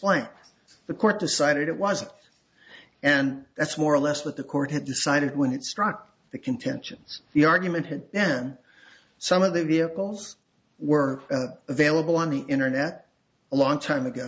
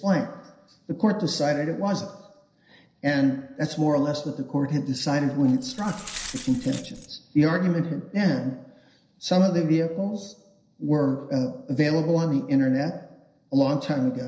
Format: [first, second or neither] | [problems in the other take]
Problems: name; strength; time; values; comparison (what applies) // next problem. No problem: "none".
first | noise reduction (neural separator model SepFormer DNS4)